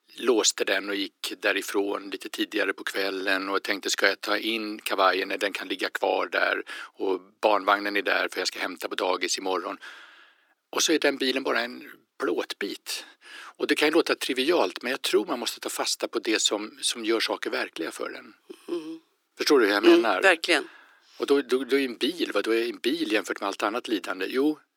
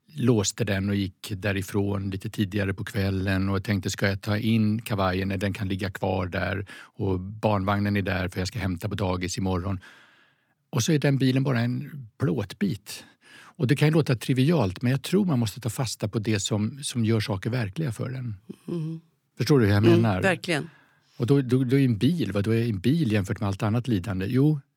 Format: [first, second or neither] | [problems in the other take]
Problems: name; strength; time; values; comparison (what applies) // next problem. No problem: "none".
second | thin; very; fading below 300 Hz